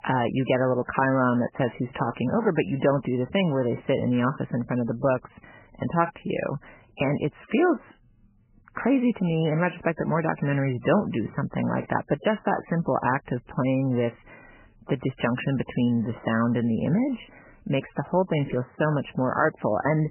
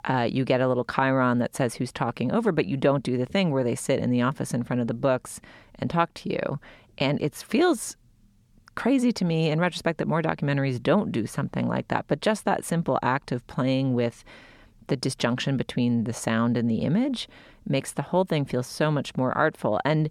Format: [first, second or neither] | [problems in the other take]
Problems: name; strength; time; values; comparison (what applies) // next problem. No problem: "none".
second | garbled, watery; badly; nothing above 3 kHz